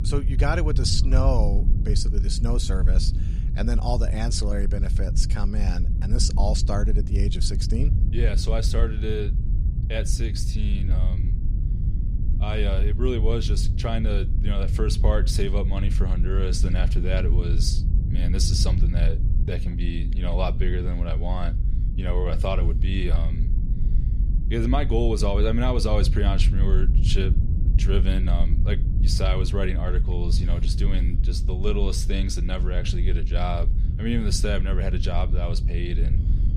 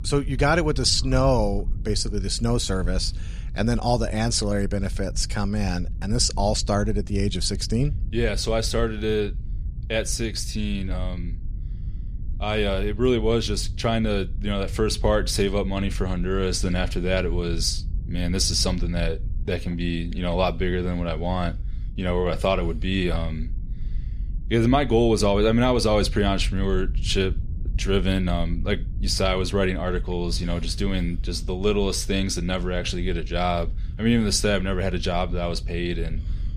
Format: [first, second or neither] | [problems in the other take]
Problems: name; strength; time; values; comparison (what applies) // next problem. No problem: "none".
second | low rumble; loud; throughout; 10 dB below the speech; faint in the second